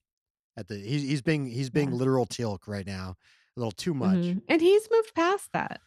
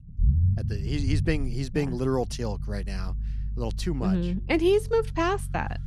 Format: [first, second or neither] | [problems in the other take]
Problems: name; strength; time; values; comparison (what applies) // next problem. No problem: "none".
first | low rumble; noticeable; throughout; 15 dB below the speech